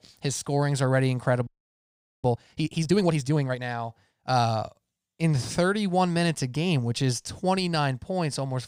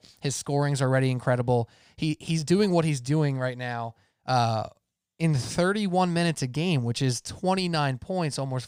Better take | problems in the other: second | audio freezing; at 1.5 s for 1 s

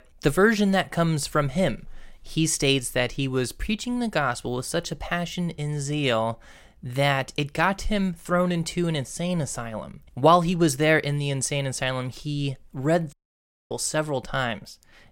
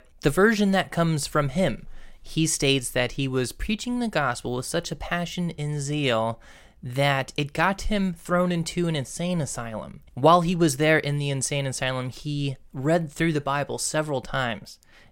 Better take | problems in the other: second | audio cutting out; at 13 s for 0.5 s

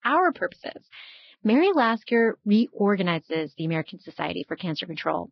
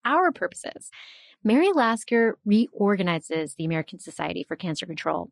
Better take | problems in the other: second | garbled, watery; badly; nothing above 5 kHz; slightly in the second

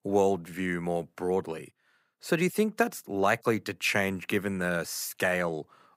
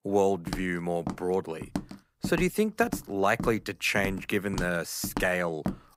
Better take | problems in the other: first | footsteps; noticeable; peak 8 dB below the speech

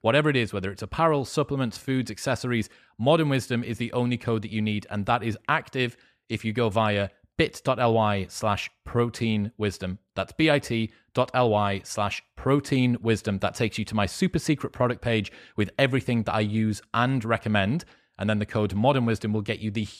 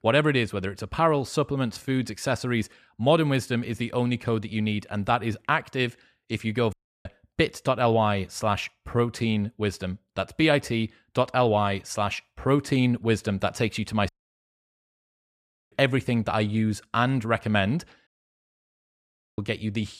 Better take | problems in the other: first | audio cutting out; at 6.5 s, at 14 s for 1.5 s and at 18 s for 1.5 s

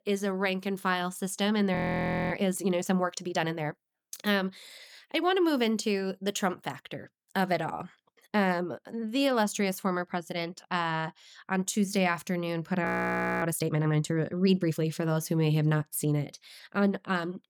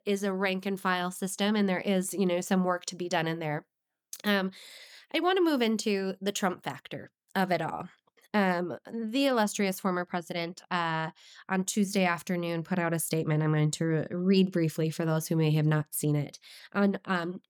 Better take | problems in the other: second | audio freezing; at 2 s for 0.5 s and at 13 s for 0.5 s

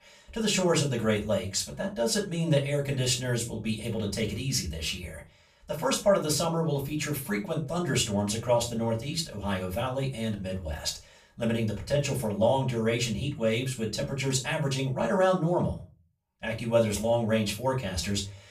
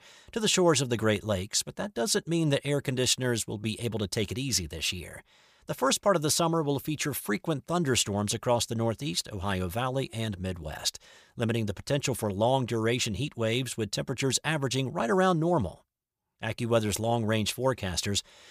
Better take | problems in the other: second | off-mic speech; far // room echo; very slight; dies away in 0.3 s

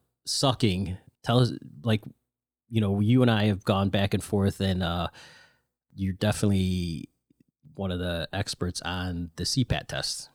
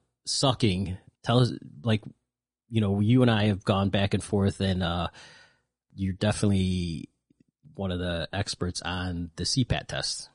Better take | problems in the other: first | garbled, watery; slightly; nothing above 10.5 kHz

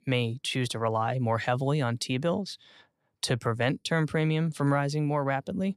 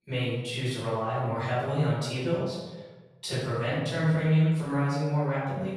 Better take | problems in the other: first | off-mic speech; far // room echo; strong; dies away in 1 s

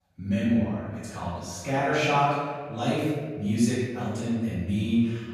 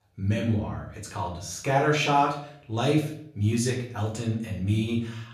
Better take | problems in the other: second | room echo; strong; dies away in 1.5 s; slight in the second // off-mic speech; far; far in the second

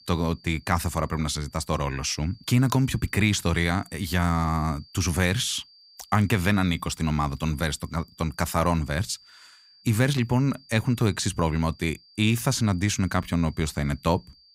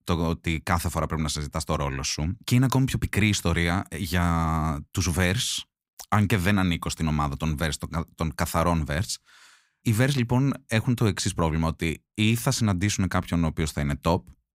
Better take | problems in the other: second | high-pitched whine; faint; throughout; 4.5 kHz, 25 dB below the speech

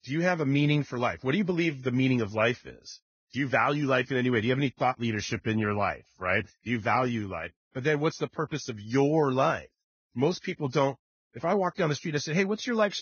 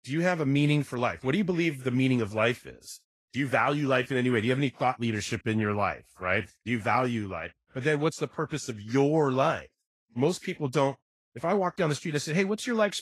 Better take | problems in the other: second | garbled, watery; badly; nothing above 6.5 kHz; slightly in the second

